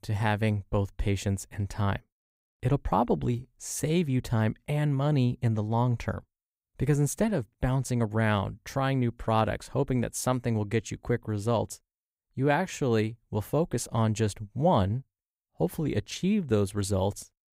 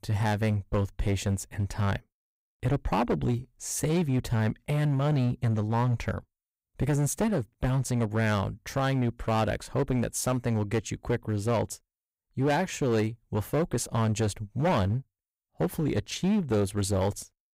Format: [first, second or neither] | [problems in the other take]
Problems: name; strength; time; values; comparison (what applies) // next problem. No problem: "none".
first | distortion; slight; 9% of the sound clipped